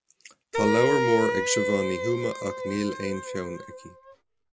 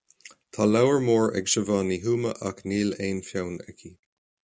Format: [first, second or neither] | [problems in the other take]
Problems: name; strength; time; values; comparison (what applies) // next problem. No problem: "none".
second | background sound (Wind instrument, woodwind instrument); 1 dB below the speech